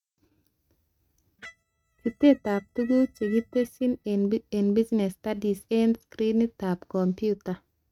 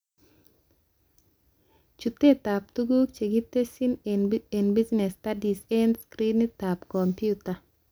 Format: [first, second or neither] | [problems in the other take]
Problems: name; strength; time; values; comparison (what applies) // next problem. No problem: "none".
second | noise reduction (neural mask model RNNoise)